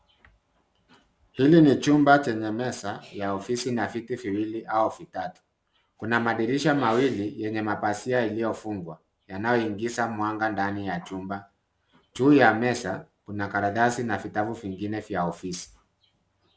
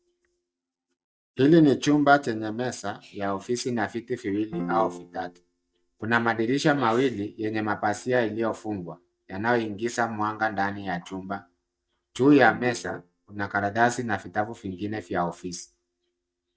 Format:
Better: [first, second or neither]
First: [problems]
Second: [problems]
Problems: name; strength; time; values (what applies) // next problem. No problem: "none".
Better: first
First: none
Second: noise reduction (neural mask model DeepFilterNet 3)